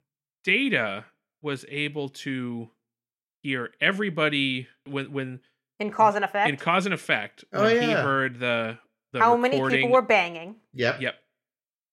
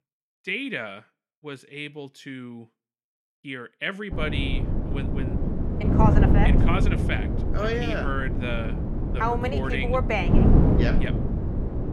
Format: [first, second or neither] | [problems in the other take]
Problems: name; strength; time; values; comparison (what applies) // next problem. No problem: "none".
first | wind noise on the microphone; heavy; from 4 s on; 3 dB below the speech